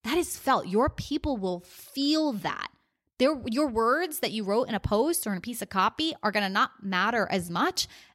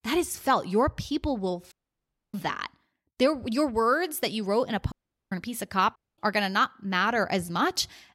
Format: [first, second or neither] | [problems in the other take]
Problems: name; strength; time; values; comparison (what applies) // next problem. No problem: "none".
first | audio cutting out; at 1.5 s for 0.5 s, at 5 s and at 6 s